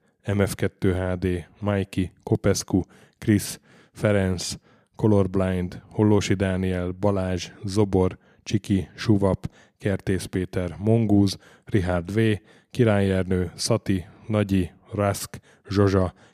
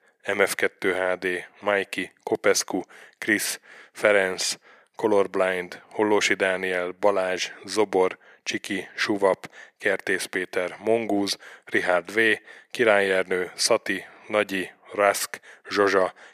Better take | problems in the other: first | thin; very; fading below 550 Hz

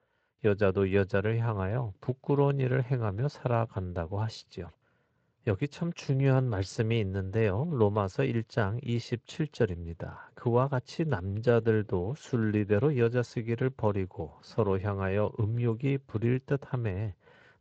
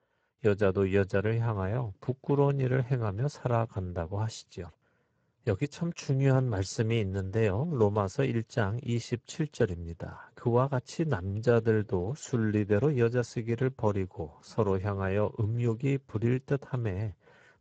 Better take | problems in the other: first | garbled, watery; badly; nothing above 7.5 kHz; slightly in the first

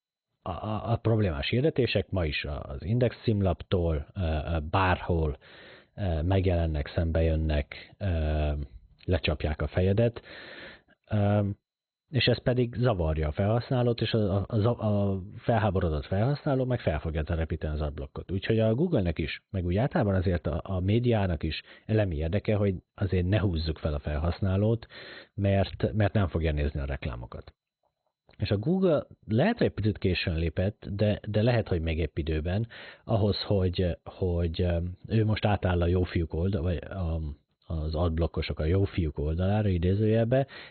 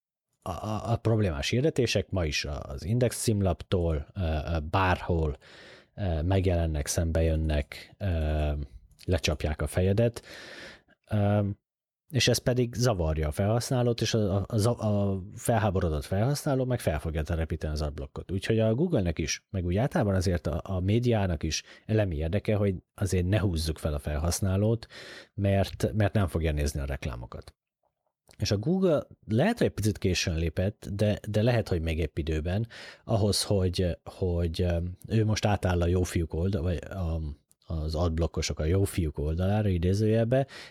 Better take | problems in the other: second | garbled, watery; badly; nothing above 4 kHz

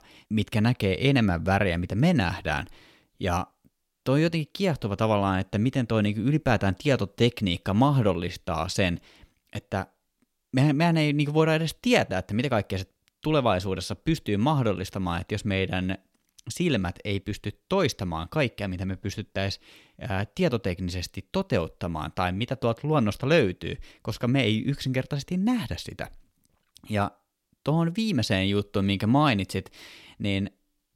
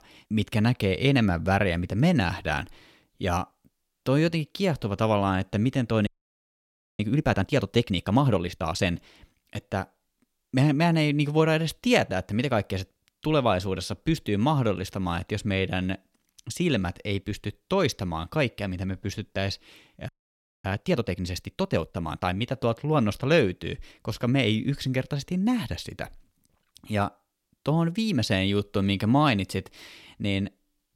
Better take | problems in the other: first | audio freezing; at 6 s for 1 s and at 20 s for 0.5 s

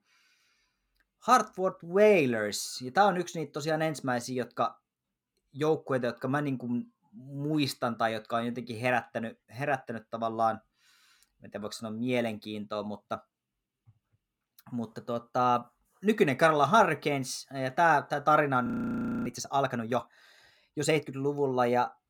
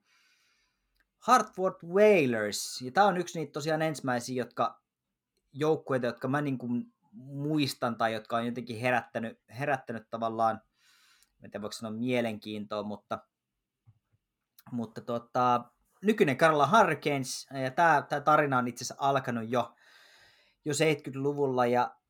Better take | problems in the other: second | audio freezing; at 19 s for 0.5 s

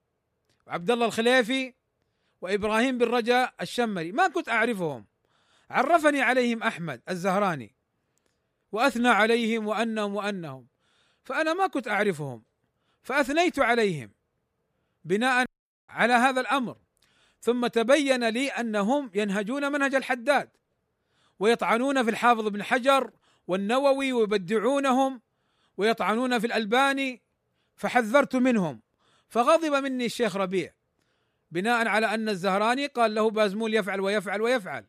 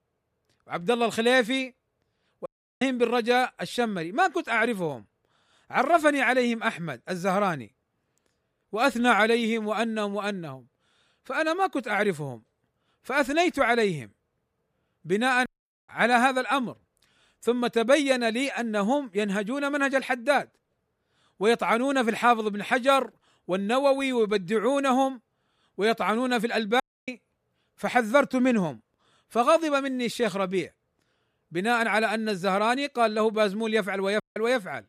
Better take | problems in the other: first | audio cutting out; at 2.5 s, at 27 s and at 34 s

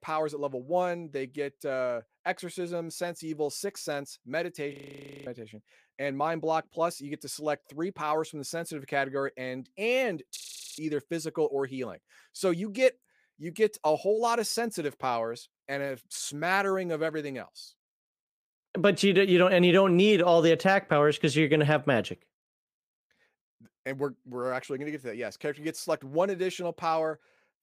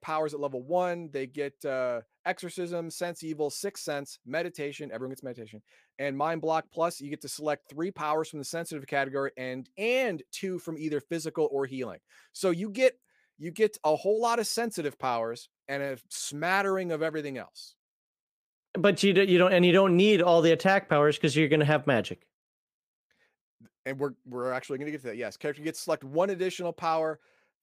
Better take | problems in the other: second | audio freezing; at 4.5 s for 0.5 s and at 10 s

